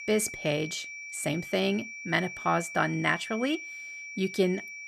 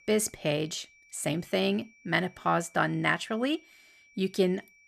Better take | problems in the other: second | high-pitched whine; loud; throughout; 2.5 kHz, 9 dB below the speech; faint in the second

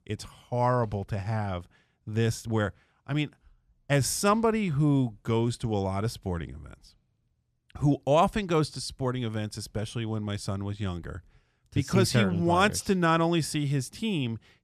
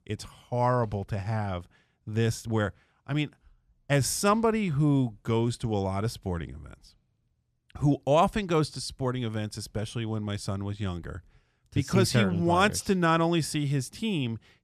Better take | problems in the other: neither | none

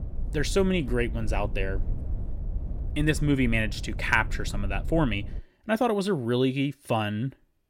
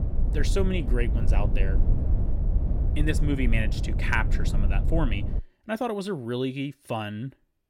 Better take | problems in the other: first | low rumble; loud; until 5.5 s; 10 dB below the speech; faint in the first

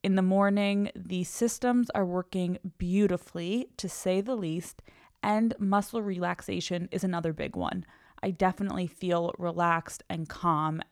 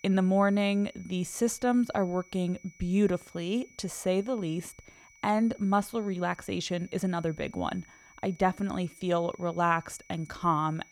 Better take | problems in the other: first | high-pitched whine; faint; throughout; 2.5 kHz, 25 dB below the speech

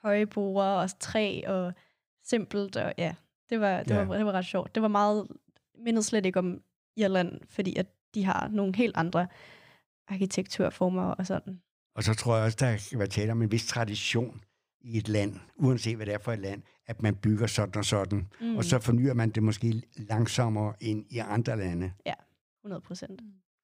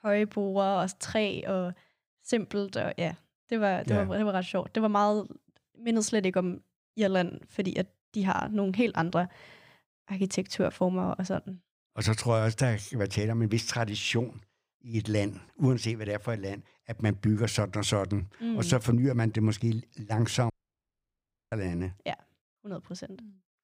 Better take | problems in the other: first | audio cutting out; at 21 s for 1 s

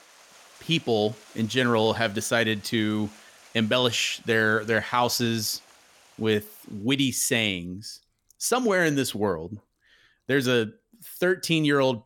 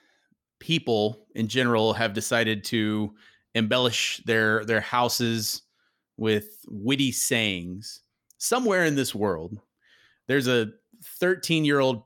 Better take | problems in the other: second | rain or running water; faint; throughout; 25 dB below the speech

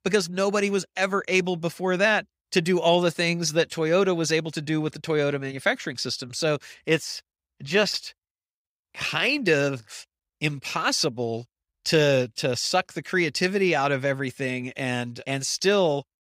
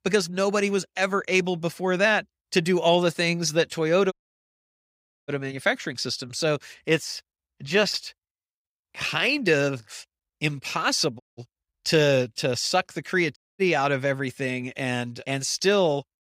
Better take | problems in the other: first | audio cutting out; at 4 s for 1 s, at 11 s and at 13 s

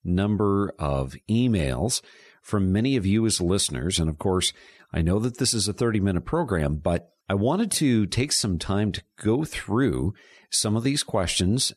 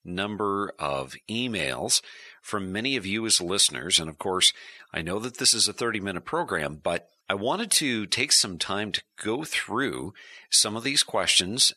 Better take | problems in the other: first | thin; somewhat; fading below 850 Hz

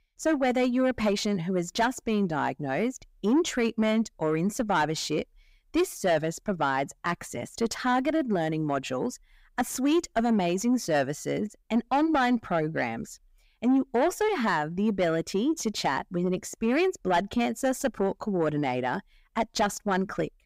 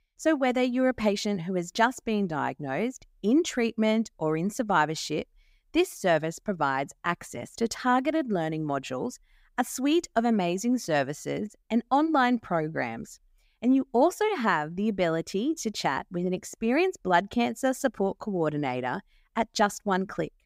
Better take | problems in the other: second | distortion; slight; 10 dB below the speech

